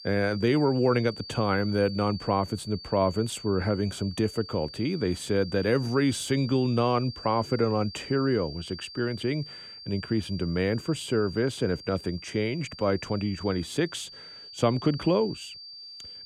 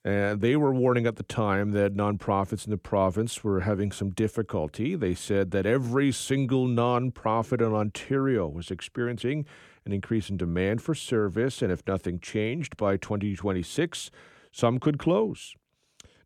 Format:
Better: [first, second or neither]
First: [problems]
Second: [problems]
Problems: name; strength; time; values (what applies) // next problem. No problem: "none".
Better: second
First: high-pitched whine; noticeable; throughout; 4.5 kHz, 15 dB below the speech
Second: none